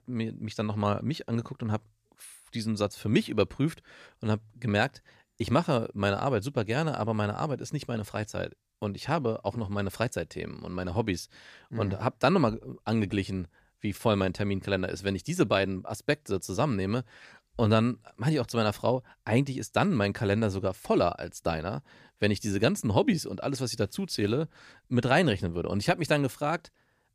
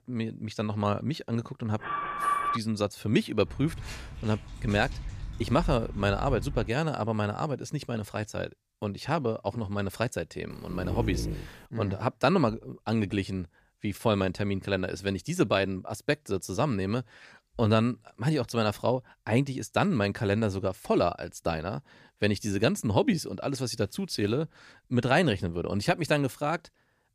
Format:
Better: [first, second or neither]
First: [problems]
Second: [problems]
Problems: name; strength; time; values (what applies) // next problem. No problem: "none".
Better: first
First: none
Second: alarm; loud; at 2 s; peak 2 dB above the speech // footsteps; noticeable; from 3.5 to 6.5 s; peak 8 dB below the speech // dog barking; noticeable; at 11 s; peak 3 dB below the speech